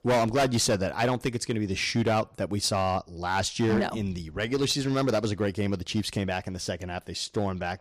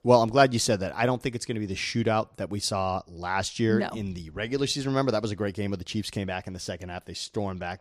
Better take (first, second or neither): second